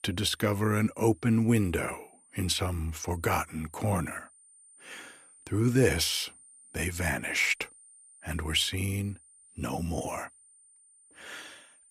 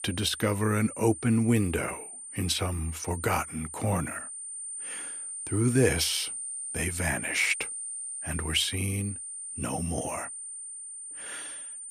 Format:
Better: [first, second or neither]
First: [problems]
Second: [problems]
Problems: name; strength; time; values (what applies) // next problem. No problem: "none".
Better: first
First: high-pitched whine; faint; throughout; 9 kHz, 25 dB below the speech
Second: high-pitched whine; loud; throughout; 9 kHz, 7 dB below the speech